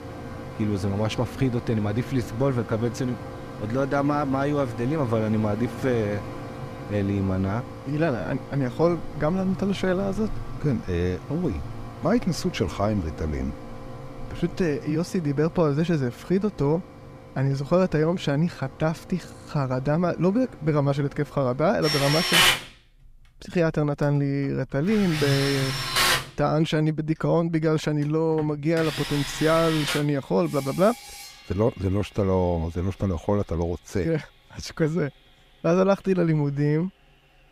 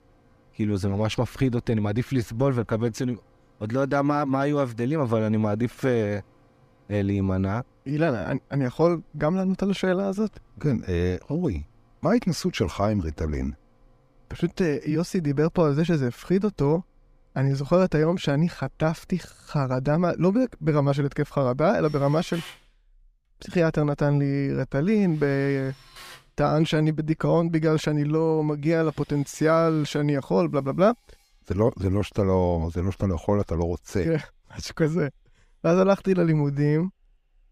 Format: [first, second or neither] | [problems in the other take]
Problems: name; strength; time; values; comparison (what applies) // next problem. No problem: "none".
second | machinery noise; loud; throughout; 5 dB below the speech; faint in the second